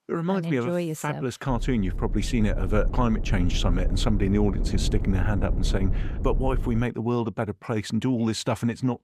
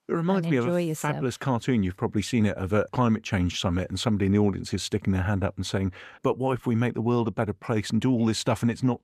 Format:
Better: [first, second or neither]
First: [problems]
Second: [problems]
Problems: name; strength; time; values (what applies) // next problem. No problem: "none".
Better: second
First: low rumble; noticeable; from 1.5 to 7 s; 15 dB below the speech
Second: none